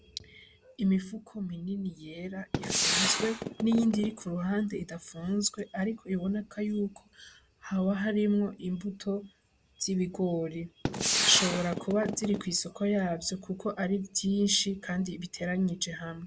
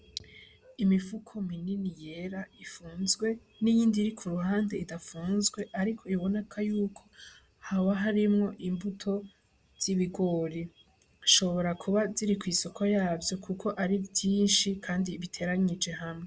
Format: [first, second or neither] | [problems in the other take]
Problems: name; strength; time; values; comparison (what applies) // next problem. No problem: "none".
second | background sound (Gunshot, gunfire); as loud as the speech